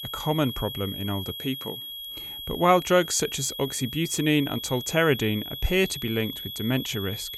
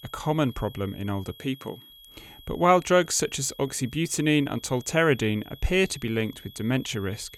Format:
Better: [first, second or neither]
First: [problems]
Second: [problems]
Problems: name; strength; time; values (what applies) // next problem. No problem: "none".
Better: second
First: high-pitched whine; loud; throughout; 3.5 kHz, 8 dB below the speech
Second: high-pitched whine; faint; throughout; 3.5 kHz, 20 dB below the speech